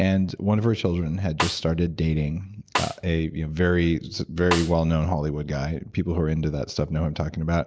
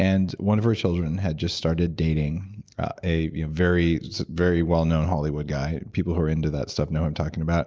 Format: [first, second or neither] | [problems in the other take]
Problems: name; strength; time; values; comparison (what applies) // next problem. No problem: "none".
second | background sound (Snare drum); 7 dB below the speech